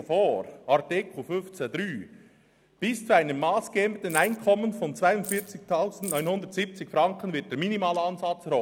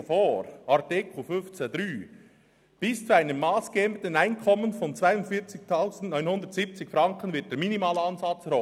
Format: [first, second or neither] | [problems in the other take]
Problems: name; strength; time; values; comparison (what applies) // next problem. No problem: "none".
second | background sound (Keys jangling); 12 dB below the speech